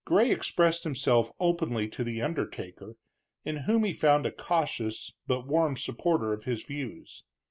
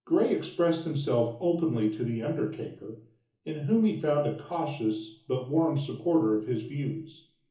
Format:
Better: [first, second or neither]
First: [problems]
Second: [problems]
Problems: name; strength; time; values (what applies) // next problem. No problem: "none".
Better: first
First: none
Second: room echo; dies away in 0.7 s